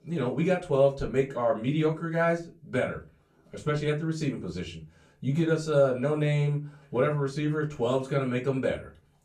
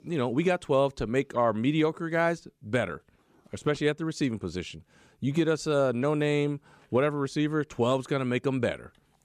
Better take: second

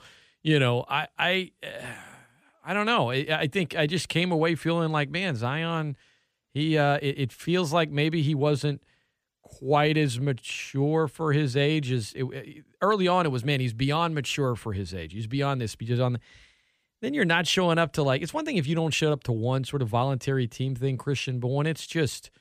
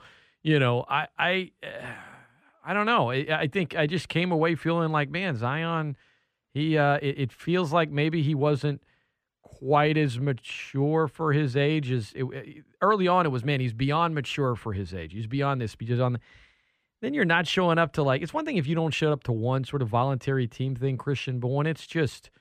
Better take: first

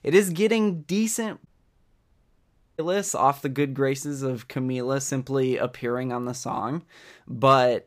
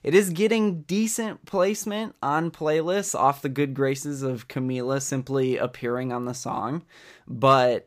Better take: second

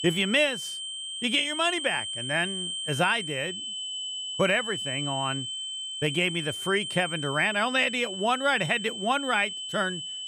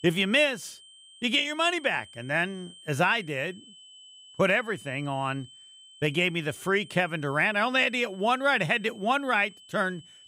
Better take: second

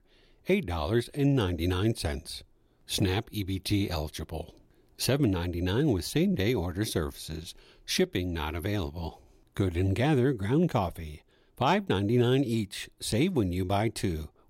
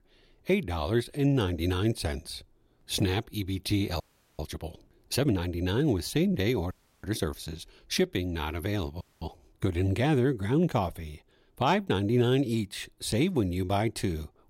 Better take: first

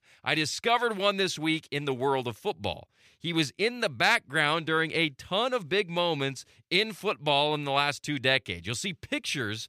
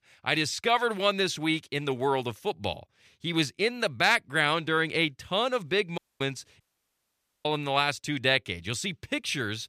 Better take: first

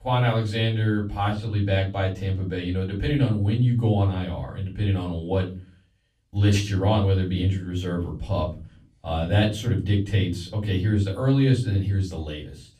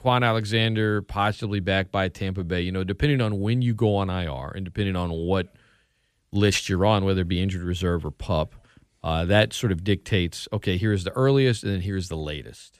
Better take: second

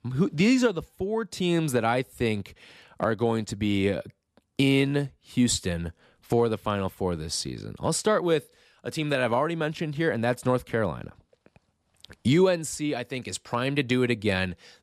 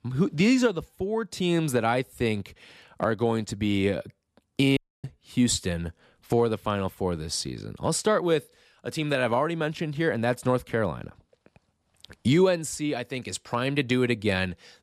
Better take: first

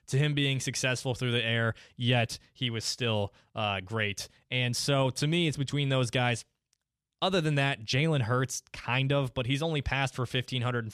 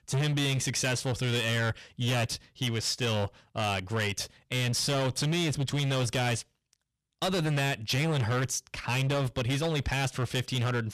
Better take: first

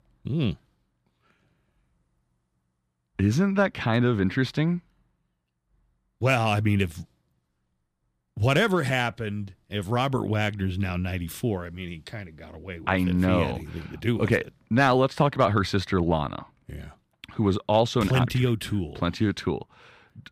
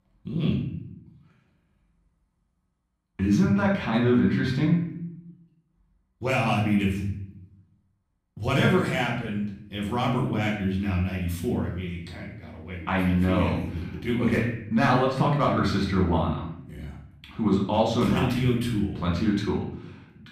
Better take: first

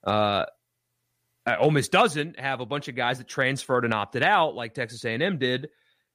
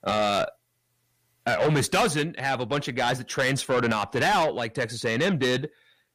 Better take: first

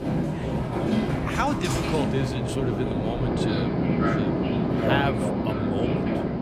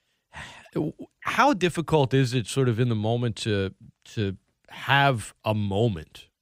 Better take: second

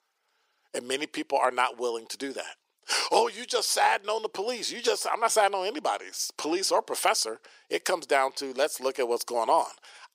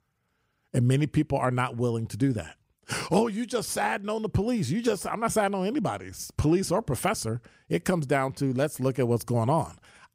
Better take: second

